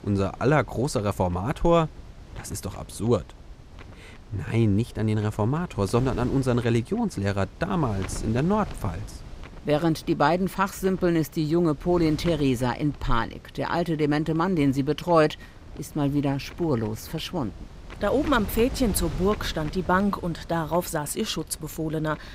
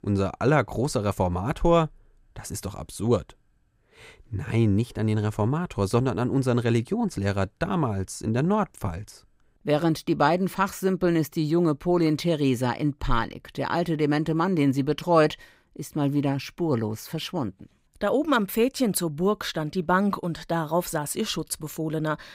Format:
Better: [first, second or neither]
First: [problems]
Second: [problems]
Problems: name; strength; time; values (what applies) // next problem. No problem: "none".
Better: second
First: wind noise on the microphone; occasional gusts; 20 dB below the speech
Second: none